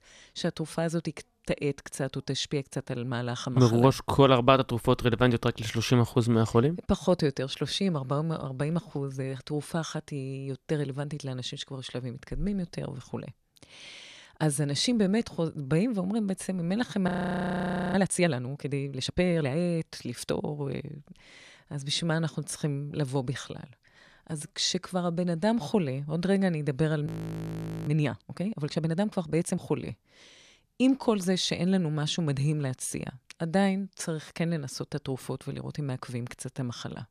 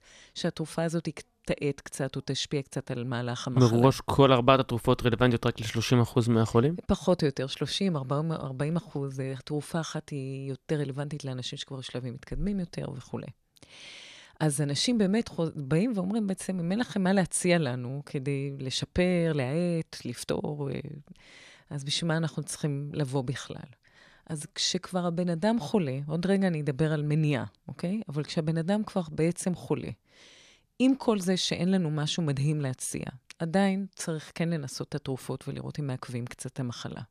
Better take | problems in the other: second | audio freezing; at 17 s for 1 s and at 27 s for 1 s

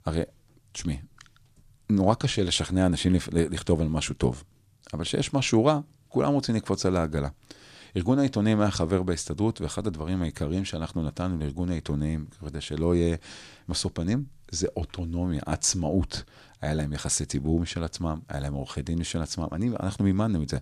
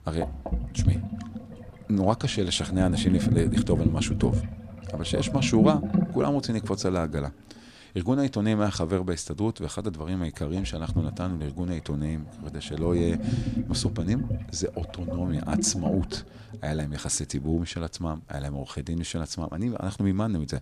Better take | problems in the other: first | household noises; loud; throughout; 1 dB below the speech

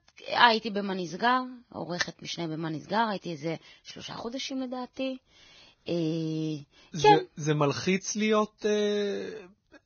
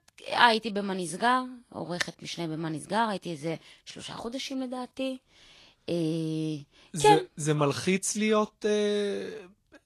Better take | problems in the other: second | garbled, watery; badly; nothing above 6.5 kHz; slightly in the second

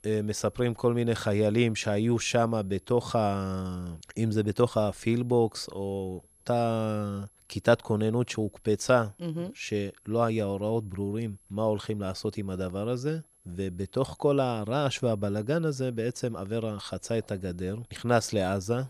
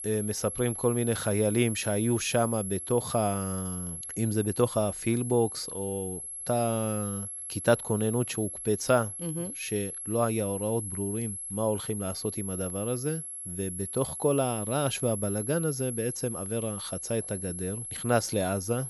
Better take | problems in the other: first | high-pitched whine; loud; throughout; 11 kHz, 6 dB below the speech; faint in the first

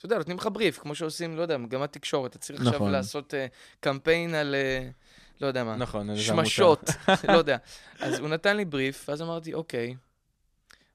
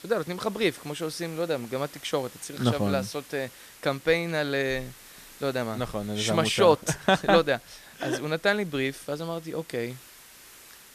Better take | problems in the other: first | hiss; faint; throughout; 20 dB below the speech

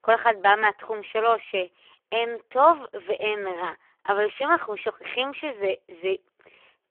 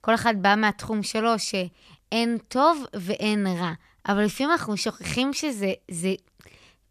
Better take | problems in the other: second | phone-call audio; poor line

